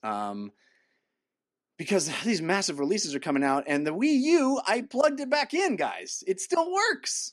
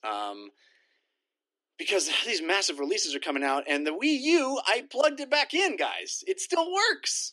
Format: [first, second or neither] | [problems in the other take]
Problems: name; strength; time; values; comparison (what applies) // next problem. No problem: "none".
first | thin; very slightly; fading below 300 Hz